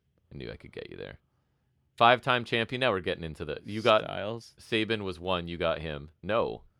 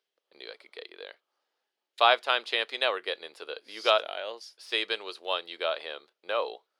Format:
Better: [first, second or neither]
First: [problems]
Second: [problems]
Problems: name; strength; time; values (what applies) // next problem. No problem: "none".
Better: first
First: none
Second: thin; very; fading below 450 Hz